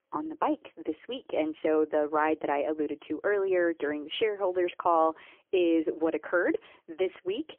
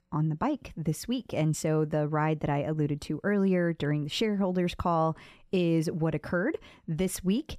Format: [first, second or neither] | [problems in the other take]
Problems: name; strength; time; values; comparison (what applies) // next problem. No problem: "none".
second | phone-call audio; poor line; nothing above 3.5 kHz